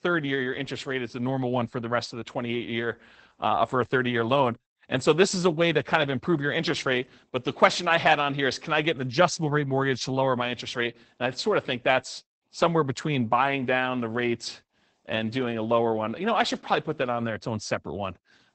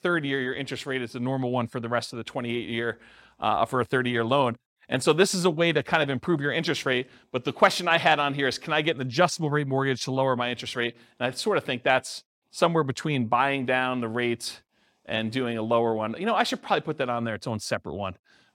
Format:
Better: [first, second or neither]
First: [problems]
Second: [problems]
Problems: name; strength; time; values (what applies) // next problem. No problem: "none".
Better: second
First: garbled, watery; badly; nothing above 8 kHz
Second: none